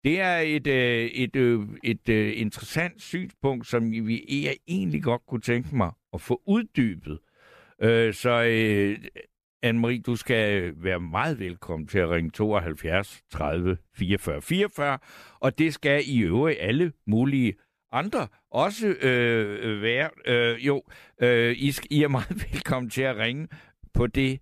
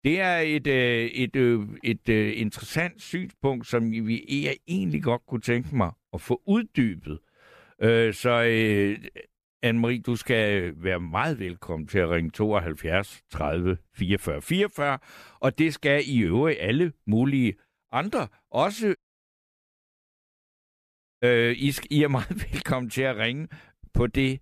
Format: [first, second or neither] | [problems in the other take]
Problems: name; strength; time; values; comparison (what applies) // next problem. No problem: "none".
first | audio cutting out; at 19 s for 2.5 s